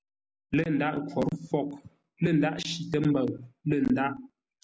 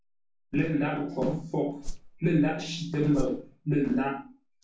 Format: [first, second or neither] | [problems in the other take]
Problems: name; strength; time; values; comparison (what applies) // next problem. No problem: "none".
first | background sound (Whoosh, swoosh, swish); 6 dB below the speech // room echo; dies away in 0.3 s